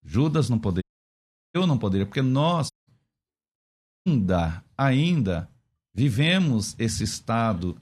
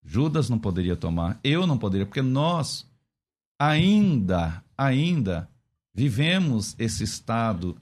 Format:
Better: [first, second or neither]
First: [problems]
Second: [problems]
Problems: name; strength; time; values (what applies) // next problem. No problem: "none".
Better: second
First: audio cutting out; at 1 s for 0.5 s, at 2.5 s and at 3.5 s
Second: none